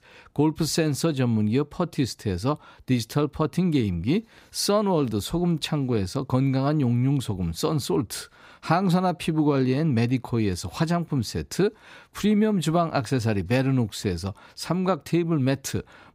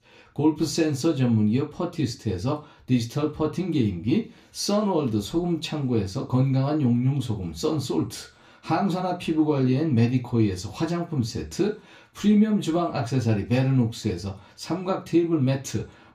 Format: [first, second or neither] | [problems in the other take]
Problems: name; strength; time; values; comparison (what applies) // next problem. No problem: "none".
first | room echo; very slight; dies away in 0.3 s // off-mic speech; far